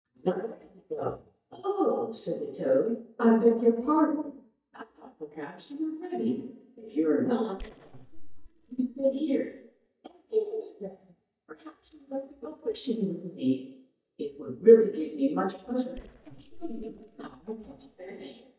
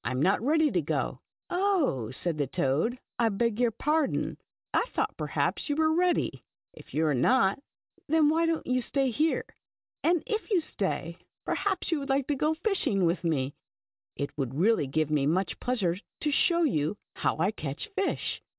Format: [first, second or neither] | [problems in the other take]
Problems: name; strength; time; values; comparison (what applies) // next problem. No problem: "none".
second | noise reduction (neural mask model DeepFilterNet 3)